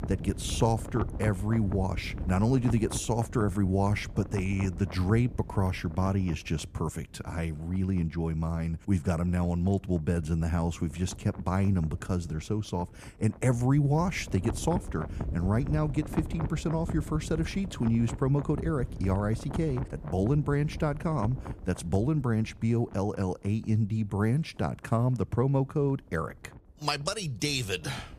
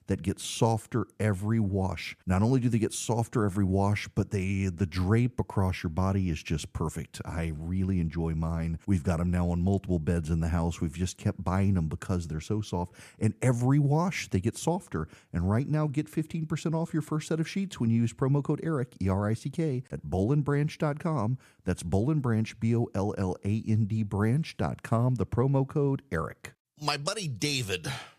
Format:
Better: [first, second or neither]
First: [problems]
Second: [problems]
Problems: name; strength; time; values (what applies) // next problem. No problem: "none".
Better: second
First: wind noise on the microphone; occasional gusts; 15 dB below the speech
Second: none